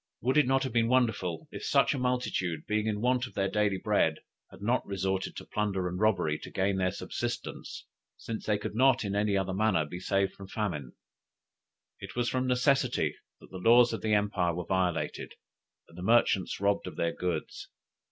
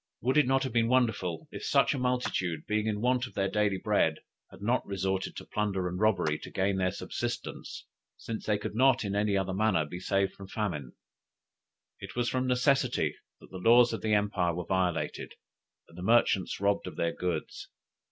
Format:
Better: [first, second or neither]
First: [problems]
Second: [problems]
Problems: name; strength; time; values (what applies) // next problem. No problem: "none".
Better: first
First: none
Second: background sound (Clapping); 18 dB below the speech